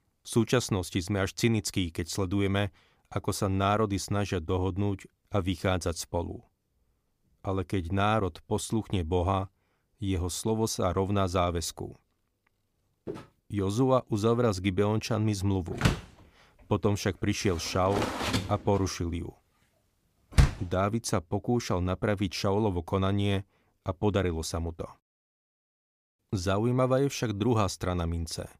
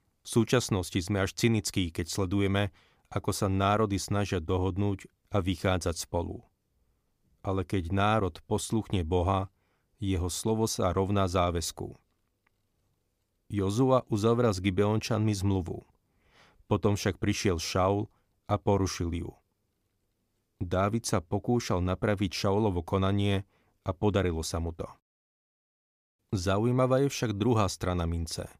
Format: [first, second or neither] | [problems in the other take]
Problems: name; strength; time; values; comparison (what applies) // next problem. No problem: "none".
second | footsteps; faint; at 13 s; peak 15 dB below the speech // door banging; loud; from 16 to 21 s; peak 3 dB above the speech